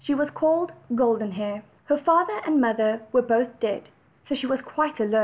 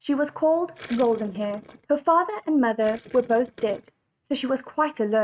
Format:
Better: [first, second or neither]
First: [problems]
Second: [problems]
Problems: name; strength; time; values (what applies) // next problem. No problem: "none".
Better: first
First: none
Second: noise reduction (neural mask model RNNoise)